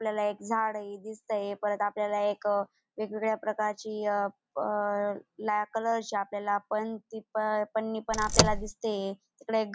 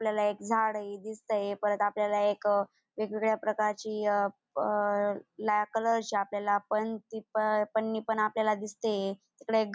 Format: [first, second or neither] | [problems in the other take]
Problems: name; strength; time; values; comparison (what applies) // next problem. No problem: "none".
second | background sound (Car); 5 dB above the speech